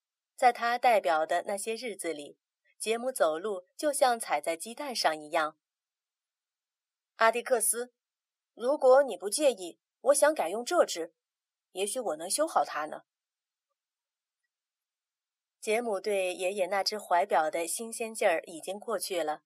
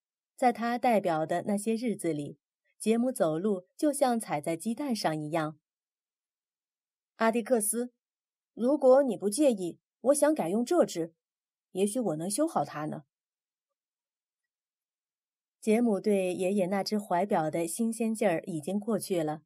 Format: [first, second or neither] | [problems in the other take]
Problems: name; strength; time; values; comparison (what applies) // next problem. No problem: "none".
second | thin; very; fading below 650 Hz